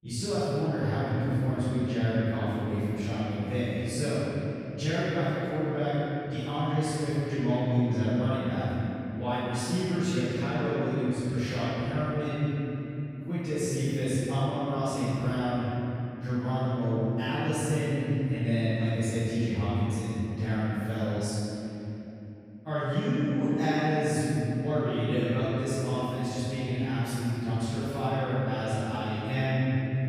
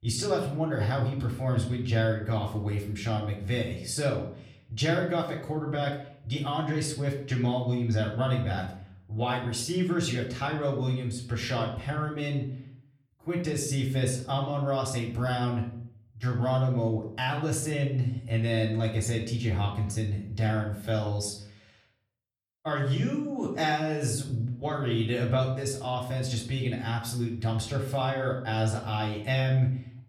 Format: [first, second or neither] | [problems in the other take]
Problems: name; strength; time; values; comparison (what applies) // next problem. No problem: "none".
second | room echo; strong; dies away in 3 s; slight in the second // off-mic speech; far; far in the second